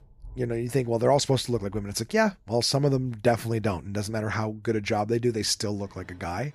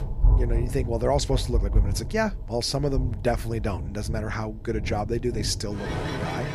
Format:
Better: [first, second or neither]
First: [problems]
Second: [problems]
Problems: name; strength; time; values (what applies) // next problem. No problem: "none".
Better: first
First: rain or running water; faint; throughout; 30 dB below the speech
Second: rain or running water; loud; throughout; 1 dB below the speech